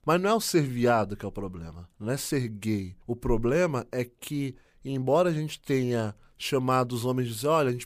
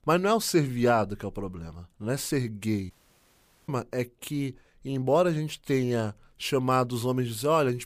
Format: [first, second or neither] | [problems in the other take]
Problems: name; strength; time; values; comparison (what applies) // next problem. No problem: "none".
first | audio cutting out; at 3 s for 1 s